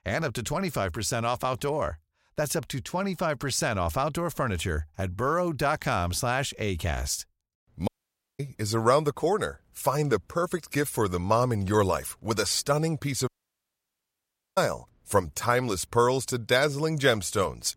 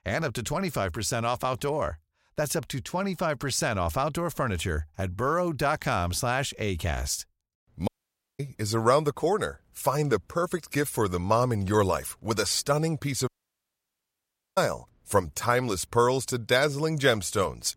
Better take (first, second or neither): neither